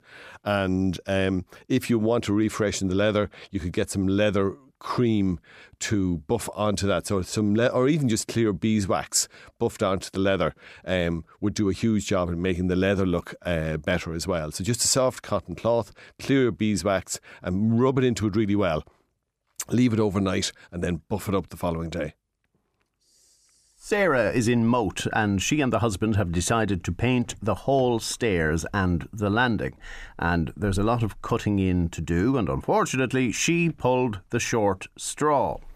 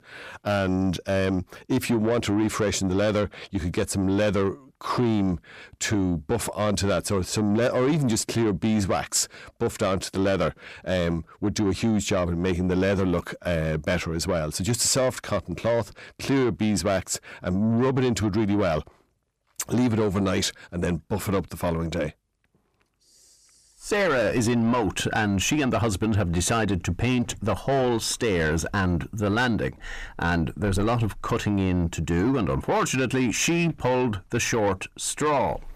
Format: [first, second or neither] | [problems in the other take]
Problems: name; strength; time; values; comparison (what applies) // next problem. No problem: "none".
first | distortion; slight; 10 dB below the speech